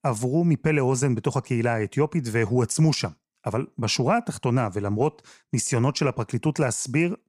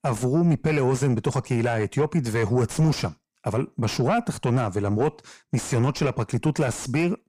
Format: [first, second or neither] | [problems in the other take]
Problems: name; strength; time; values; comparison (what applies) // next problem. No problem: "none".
first | distortion; slight; 10 dB below the speech